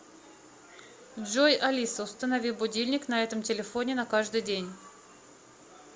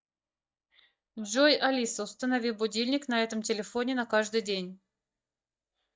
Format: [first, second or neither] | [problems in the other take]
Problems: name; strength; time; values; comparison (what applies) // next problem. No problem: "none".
first | noise reduction (neural mask model DeepFilterNet 3)